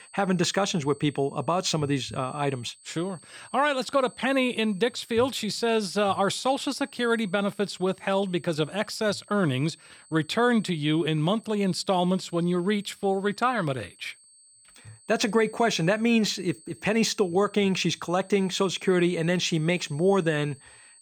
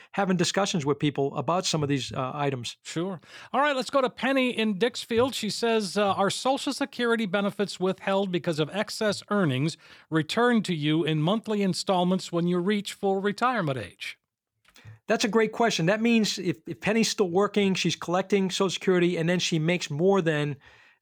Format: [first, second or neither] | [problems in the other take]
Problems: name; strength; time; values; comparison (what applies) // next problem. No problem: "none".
second | high-pitched whine; faint; throughout; 8 kHz, 25 dB below the speech